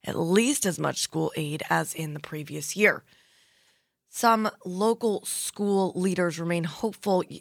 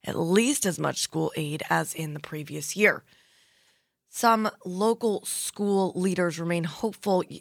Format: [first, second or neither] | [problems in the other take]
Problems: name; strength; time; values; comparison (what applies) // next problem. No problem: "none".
neither | none